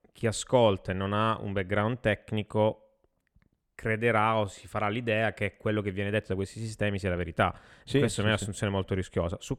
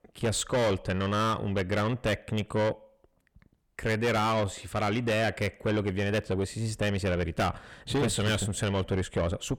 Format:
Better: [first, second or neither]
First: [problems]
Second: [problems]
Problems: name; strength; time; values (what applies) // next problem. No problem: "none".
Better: first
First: none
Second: distortion; heavy; 6 dB below the speech